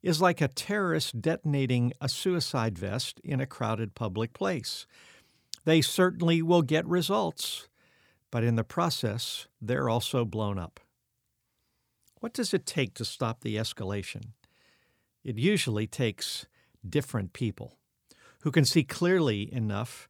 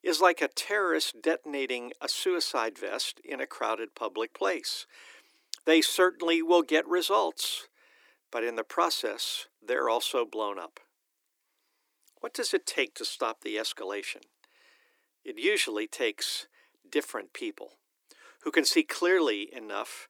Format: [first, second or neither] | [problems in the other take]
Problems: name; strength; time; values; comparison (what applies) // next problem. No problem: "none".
first | thin; very; fading below 300 Hz